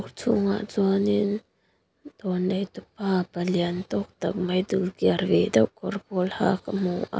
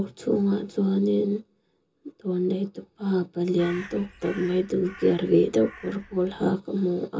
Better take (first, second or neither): first